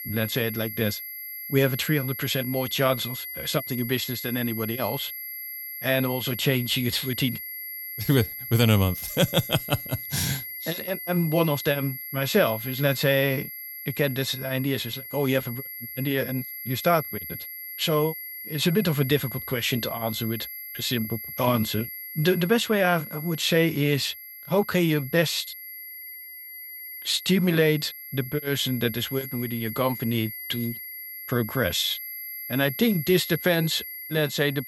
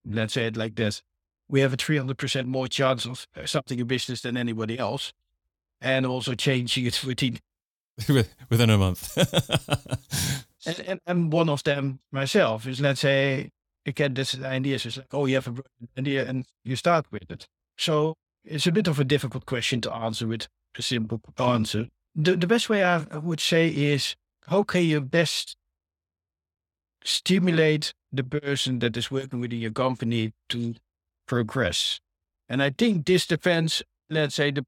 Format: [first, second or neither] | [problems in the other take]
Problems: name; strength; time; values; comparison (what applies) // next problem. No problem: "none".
second | high-pitched whine; loud; throughout; 11.5 kHz, 9 dB below the speech